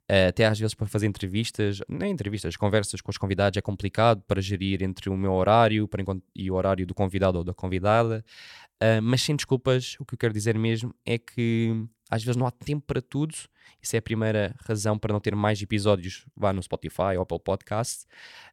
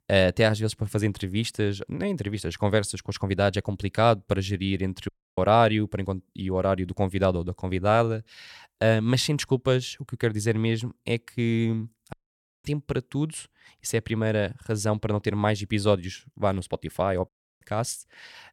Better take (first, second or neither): first